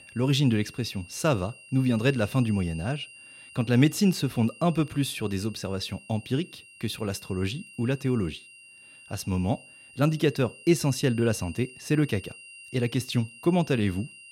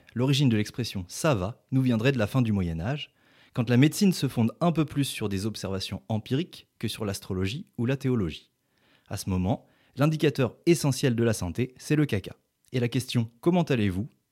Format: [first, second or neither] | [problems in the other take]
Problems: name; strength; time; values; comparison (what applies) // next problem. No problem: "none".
second | high-pitched whine; noticeable; throughout; 3 kHz, 20 dB below the speech